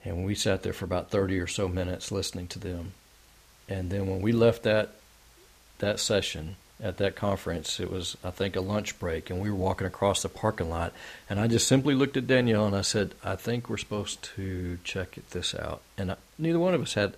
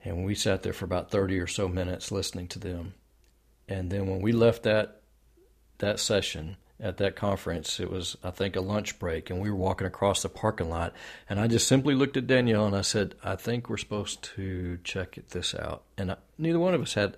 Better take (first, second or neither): second